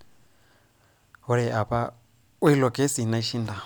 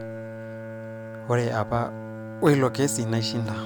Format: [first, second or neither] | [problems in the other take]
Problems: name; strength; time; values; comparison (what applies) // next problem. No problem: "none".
first | background sound (Bowed string instrument); 9 dB below the speech